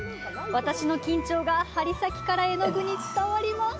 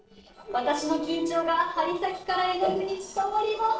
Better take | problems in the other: first | noise reduction (neural separator model SepFormer DNS4)

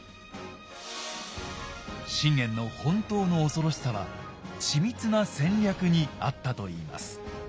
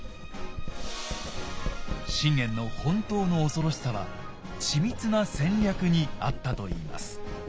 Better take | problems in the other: first | background sound (Writing); 6 dB below the speech

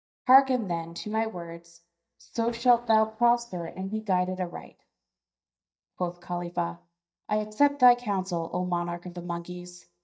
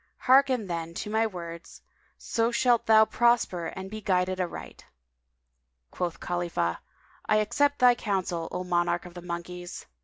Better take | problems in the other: second | noise reduction (neural mask model DeepFilterNet 3)

